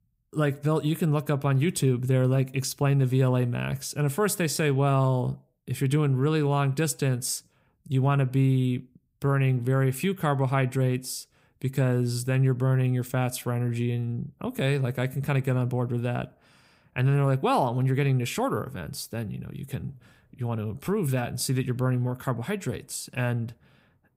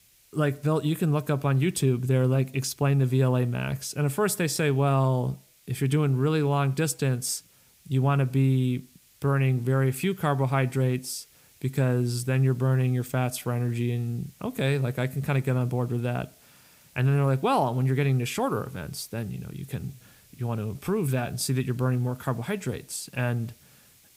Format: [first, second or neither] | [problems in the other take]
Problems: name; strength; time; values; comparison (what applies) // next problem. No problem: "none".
first | hiss; faint; throughout; 30 dB below the speech